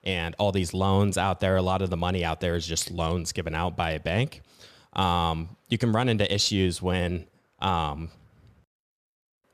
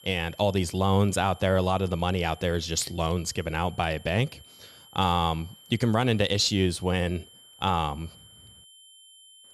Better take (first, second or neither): first